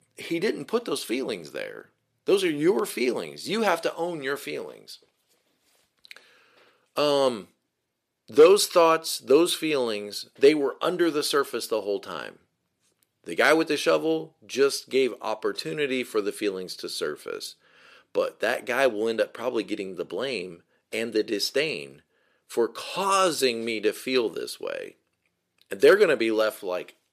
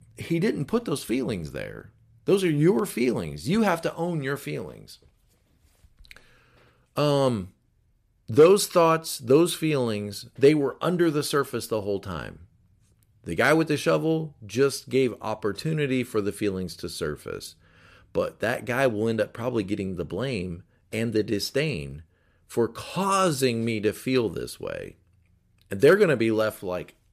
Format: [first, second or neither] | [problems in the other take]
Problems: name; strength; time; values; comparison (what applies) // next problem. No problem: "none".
second | thin; somewhat; fading below 400 Hz